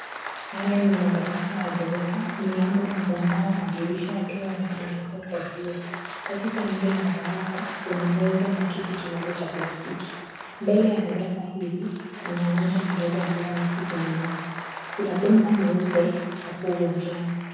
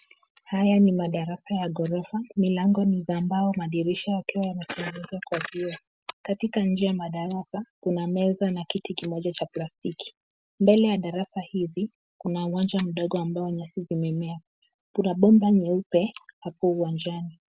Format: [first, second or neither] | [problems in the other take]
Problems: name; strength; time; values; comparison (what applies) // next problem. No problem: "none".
second | background sound (Applause); 11 dB below the speech // room echo; dies away in 1.1 s